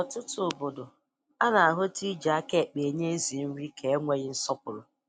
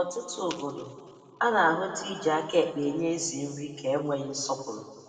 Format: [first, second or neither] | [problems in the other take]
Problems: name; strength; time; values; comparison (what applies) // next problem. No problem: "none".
first | room echo; dies away in 1.9 s